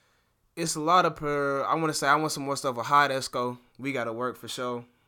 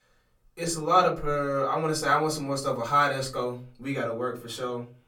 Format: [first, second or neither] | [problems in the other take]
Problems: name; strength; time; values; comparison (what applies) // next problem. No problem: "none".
first | off-mic speech; far // room echo; very slight; dies away in 0.3 s